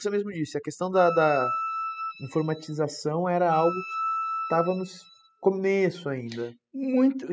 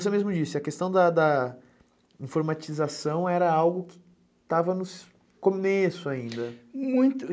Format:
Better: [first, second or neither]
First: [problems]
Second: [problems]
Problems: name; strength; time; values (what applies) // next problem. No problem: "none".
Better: second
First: noise reduction (classical method spectral subtraction)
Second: none